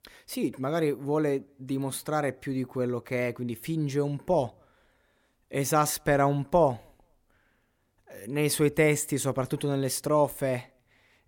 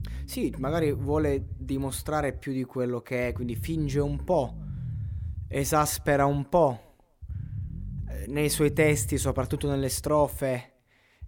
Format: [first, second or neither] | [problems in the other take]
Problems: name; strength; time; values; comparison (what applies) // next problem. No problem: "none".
first | low rumble; faint; throughout; 25 dB below the speech